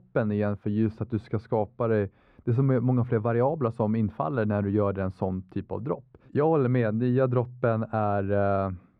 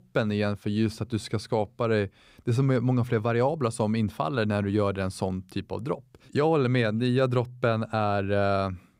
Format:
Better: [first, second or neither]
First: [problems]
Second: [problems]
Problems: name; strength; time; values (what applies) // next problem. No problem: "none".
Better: second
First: muffled; very; fading above 3.5 kHz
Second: none